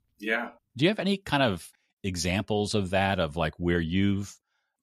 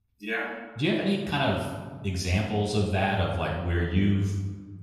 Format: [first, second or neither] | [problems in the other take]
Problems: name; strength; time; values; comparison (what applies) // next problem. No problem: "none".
first | off-mic speech; far // room echo; noticeable; dies away in 1.2 s